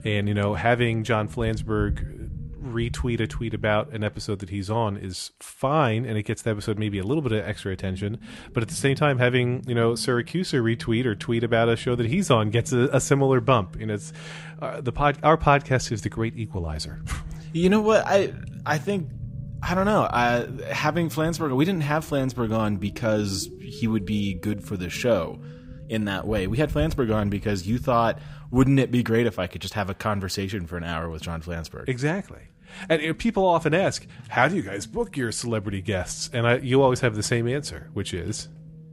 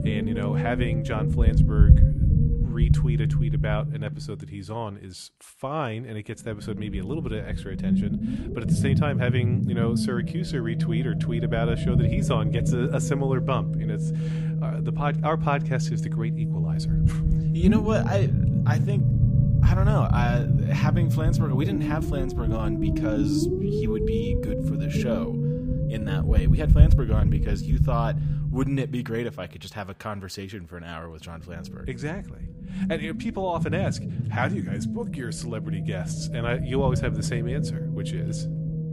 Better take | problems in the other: first | low rumble; loud; throughout; 2 dB below the speech; faint in the first

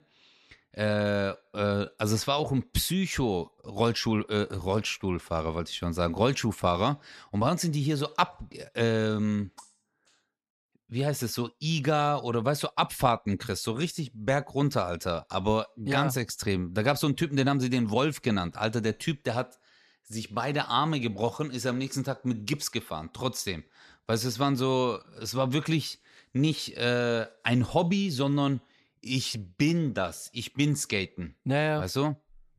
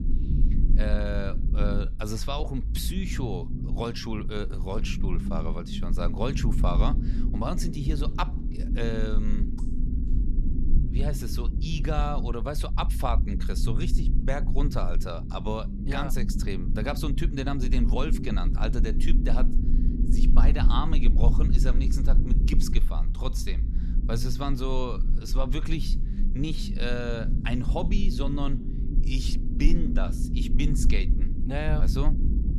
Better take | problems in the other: first | low rumble; loud; throughout; 7 dB below the speech

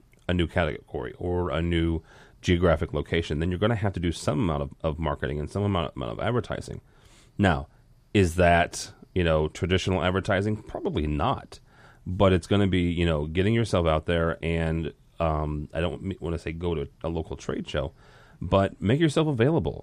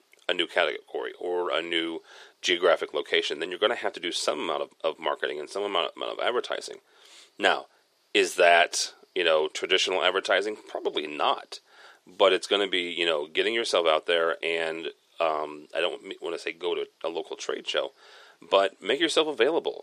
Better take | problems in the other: first | thin; very; fading below 400 Hz

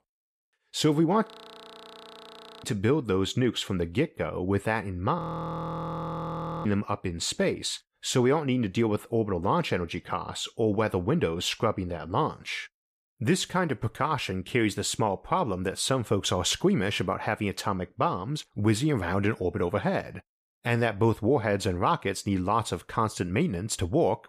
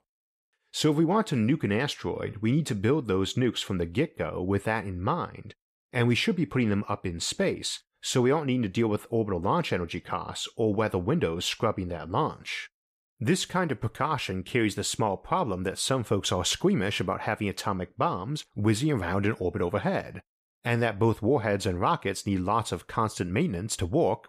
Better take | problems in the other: second | audio freezing; at 1.5 s for 1.5 s and at 5 s for 1.5 s

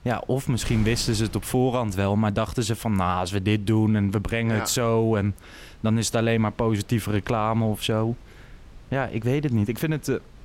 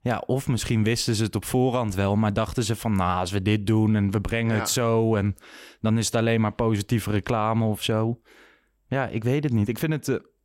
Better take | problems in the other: second | wind noise on the microphone; occasional gusts; 25 dB below the speech

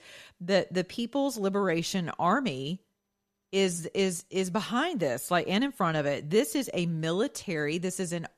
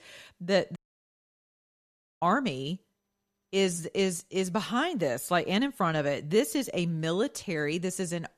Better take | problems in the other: first | audio cutting out; at 1 s for 1.5 s

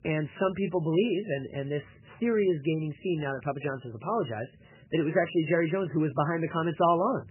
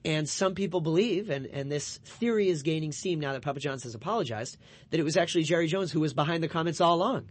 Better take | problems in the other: second | garbled, watery; badly; nothing above 3 kHz; slightly in the second

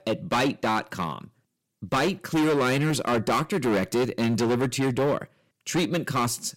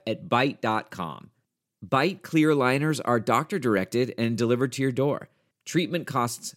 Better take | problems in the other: second | distortion; heavy; 16% of the sound clipped

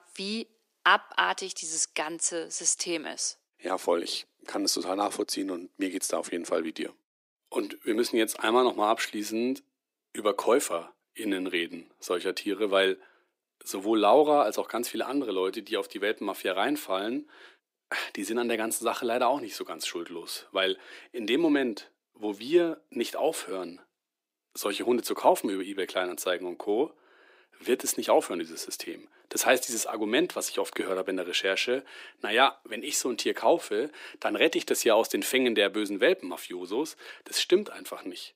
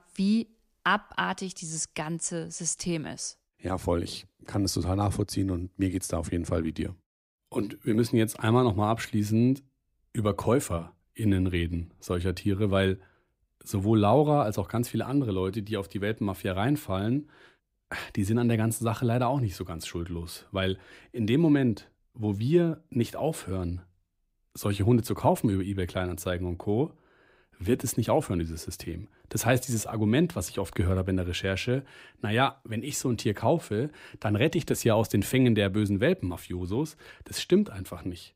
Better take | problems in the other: second | thin; somewhat; fading below 300 Hz

